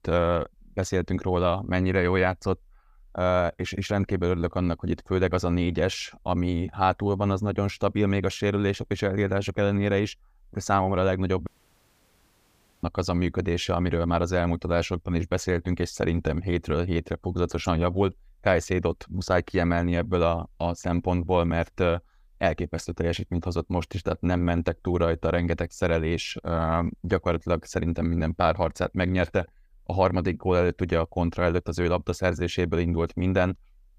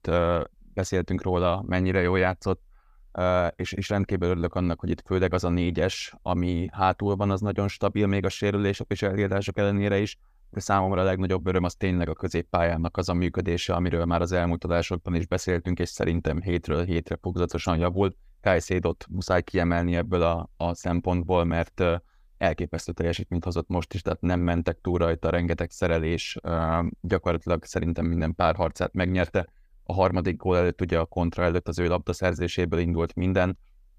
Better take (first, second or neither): second